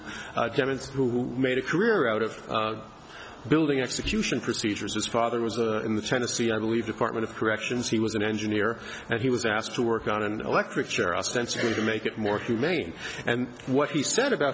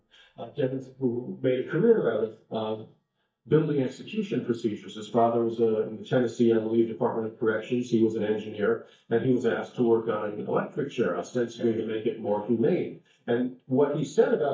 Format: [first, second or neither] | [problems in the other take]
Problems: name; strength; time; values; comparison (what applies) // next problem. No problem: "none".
first | noise reduction (neural mask model DeepFilterNet 3)